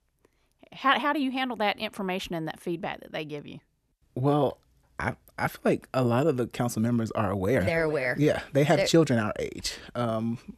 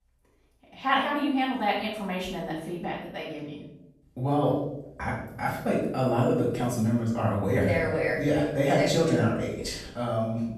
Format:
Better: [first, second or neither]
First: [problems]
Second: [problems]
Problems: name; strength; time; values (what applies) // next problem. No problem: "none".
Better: first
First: none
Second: off-mic speech; far // room echo; noticeable; dies away in 0.7 s